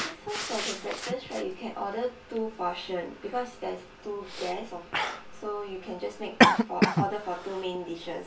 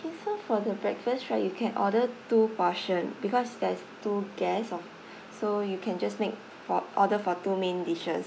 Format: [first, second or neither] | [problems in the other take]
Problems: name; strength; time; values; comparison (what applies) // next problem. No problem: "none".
second | background sound (Cough); 3 dB above the speech // room echo; dies away in 0.3 s